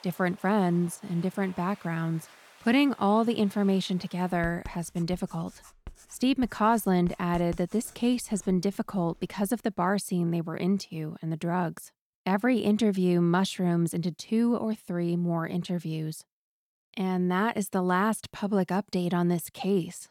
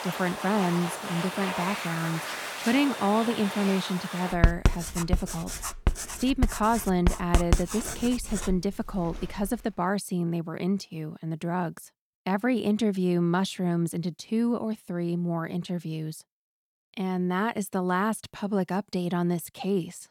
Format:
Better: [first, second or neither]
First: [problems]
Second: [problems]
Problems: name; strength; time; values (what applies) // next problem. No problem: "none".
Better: first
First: household noises; faint; until 9.5 s; 25 dB below the speech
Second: household noises; loud; until 9.5 s; 3 dB below the speech